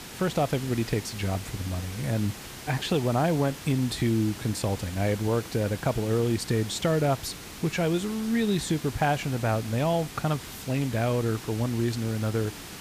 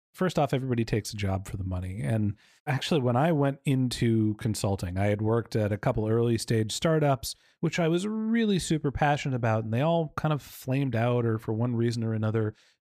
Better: second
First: hiss; noticeable; throughout; 10 dB below the speech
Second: none

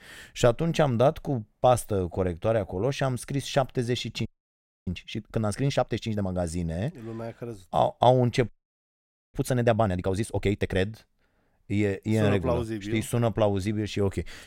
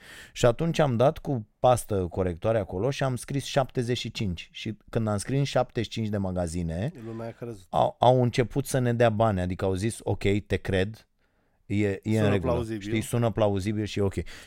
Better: second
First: audio freezing; at 4.5 s for 0.5 s and at 8.5 s for 1 s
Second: none

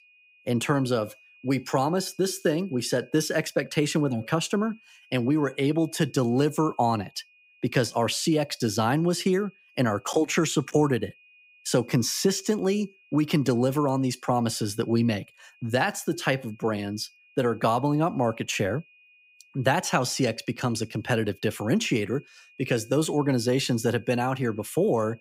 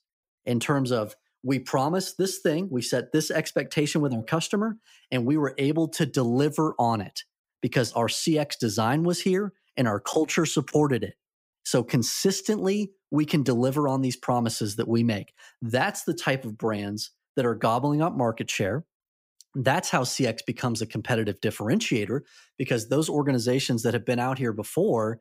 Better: second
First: high-pitched whine; faint; throughout; 2.5 kHz, 30 dB below the speech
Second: none

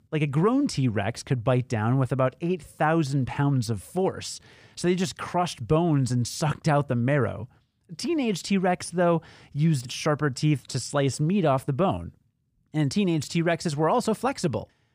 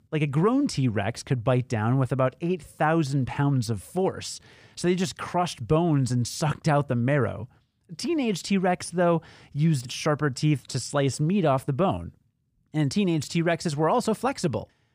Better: neither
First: none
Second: none

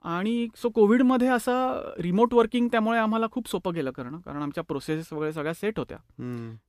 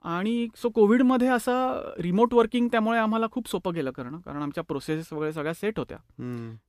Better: neither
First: none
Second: none

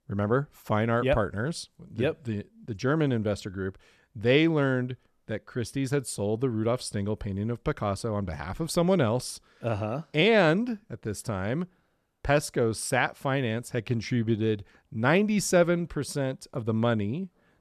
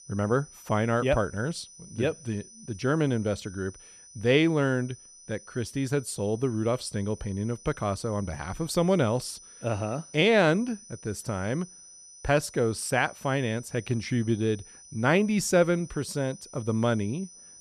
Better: first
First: none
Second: high-pitched whine; noticeable; throughout; 6 kHz, 20 dB below the speech

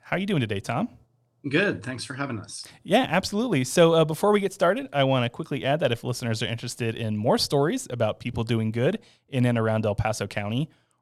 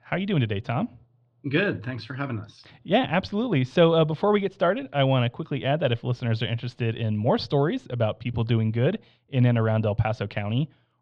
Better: first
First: none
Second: muffled; slightly; fading above 3.5 kHz

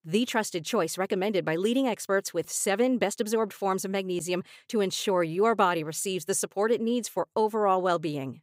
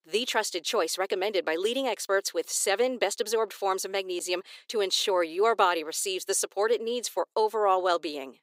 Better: first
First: none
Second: thin; somewhat; fading below 350 Hz

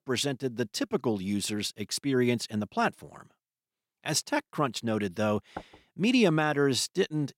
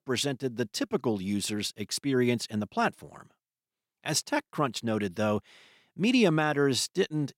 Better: second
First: door banging; faint; at 5.5 s; peak 15 dB below the speech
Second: none

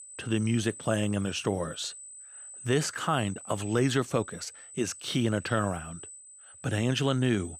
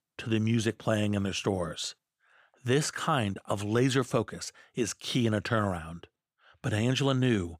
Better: second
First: high-pitched whine; noticeable; throughout; 8 kHz, 15 dB below the speech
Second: none

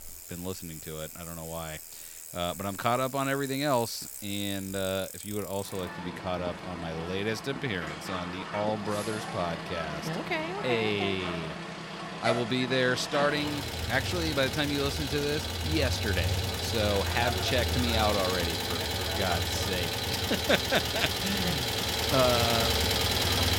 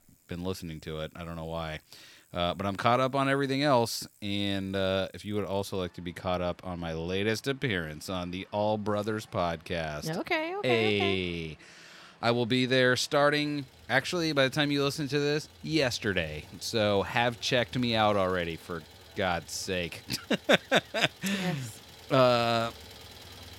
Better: second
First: traffic noise; loud; throughout; 1 dB below the speech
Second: traffic noise; faint; throughout; 25 dB below the speech

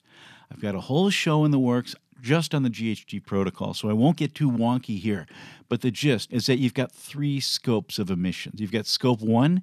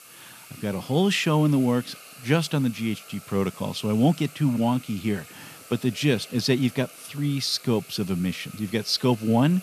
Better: first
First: none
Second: hiss; noticeable; throughout; 20 dB below the speech

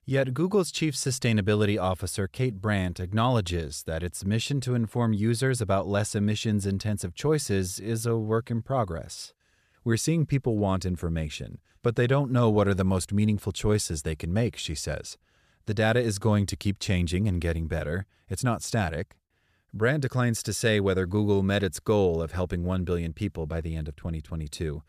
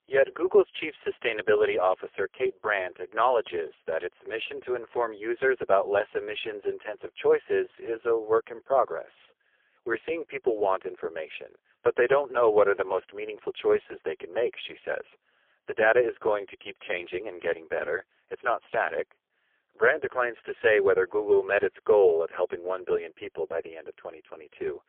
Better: first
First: none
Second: phone-call audio; poor line; nothing above 3.5 kHz

